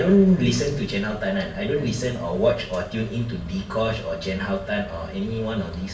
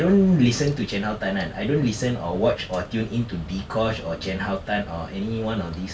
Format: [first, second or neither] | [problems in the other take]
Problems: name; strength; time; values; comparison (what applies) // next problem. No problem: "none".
second | room echo; dies away in 1.4 s